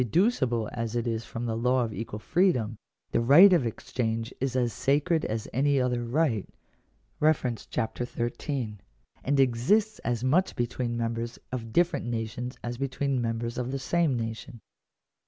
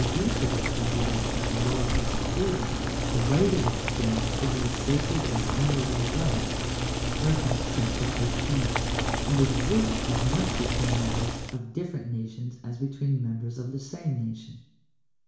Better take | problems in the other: first | background sound (Boiling); 1 dB above the speech // room echo; dies away in 0.7 s

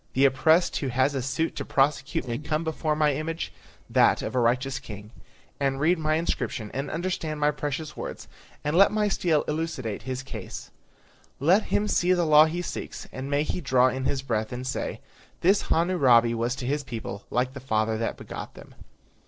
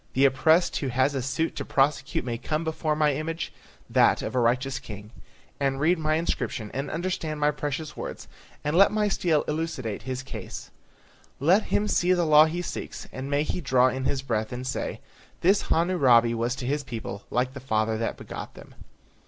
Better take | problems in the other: second | noise reduction (neural separator model SepFormer DNS4)

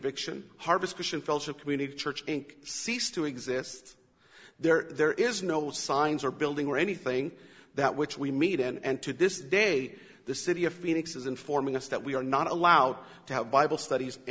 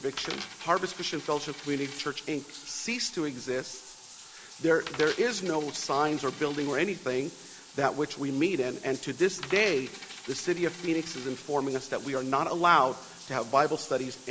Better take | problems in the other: first | background sound (Bathtub (filling or washing) + Coin (dropping)); 15 dB below the speech

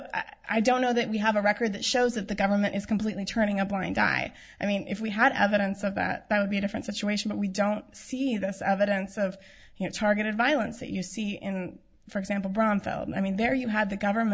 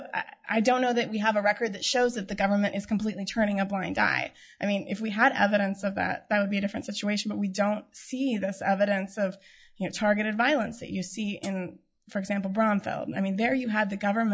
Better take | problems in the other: first | noise reduction (classical method log-MMSE)

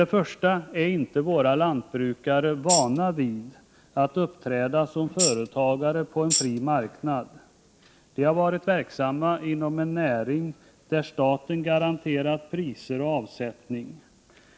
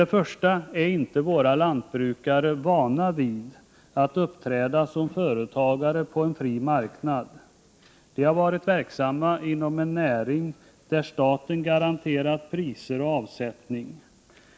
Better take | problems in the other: second | background sound (Tambourine); as loud as the speech

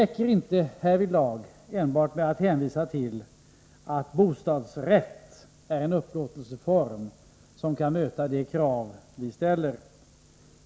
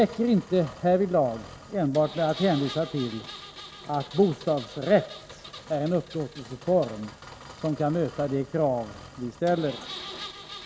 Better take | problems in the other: first | background sound (Engine); 16 dB below the speech

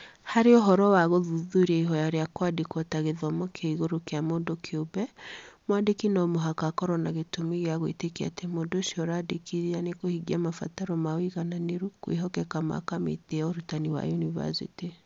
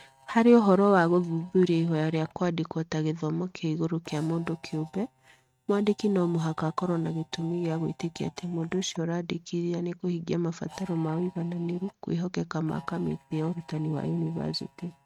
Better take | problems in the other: first | noise reduction (neural mask model RNNoise)

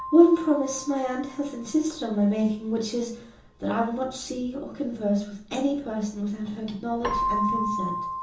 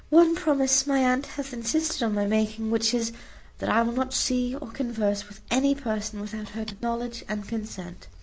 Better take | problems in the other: second | background sound (Keyboard (musical)); 9 dB below the speech // room echo; dies away in 1.2 s

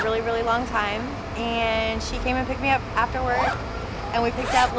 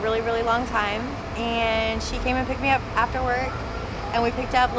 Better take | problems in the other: second | background sound (Zipper (clothing)); 10 dB below the speech

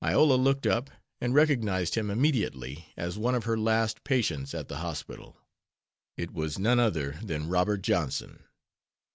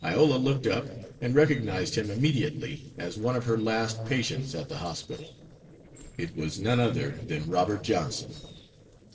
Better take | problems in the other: first | noise reduction (neural separator model SepFormer DNS4)

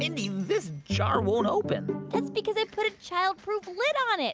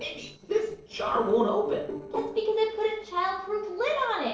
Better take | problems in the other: first | noise reduction (neural separator model SepFormer DNS4)

